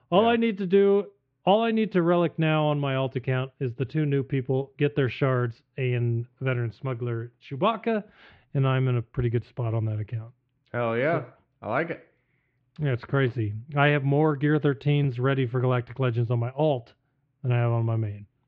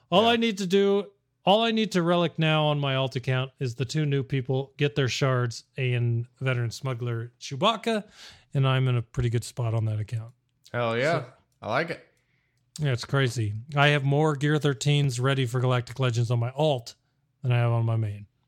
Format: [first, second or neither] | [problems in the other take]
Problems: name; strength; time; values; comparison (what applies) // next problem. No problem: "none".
second | muffled; very; fading above 2.5 kHz